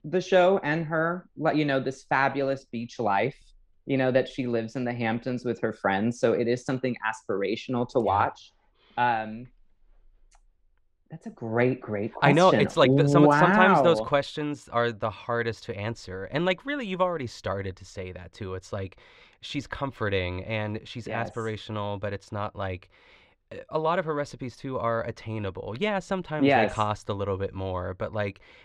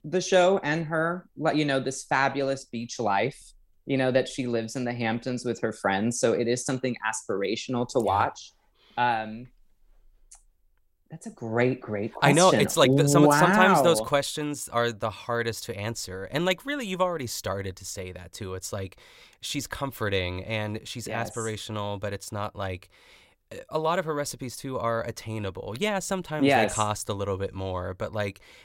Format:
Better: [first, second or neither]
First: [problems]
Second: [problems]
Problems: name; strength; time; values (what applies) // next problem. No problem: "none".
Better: second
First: muffled; slightly; fading above 3 kHz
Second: none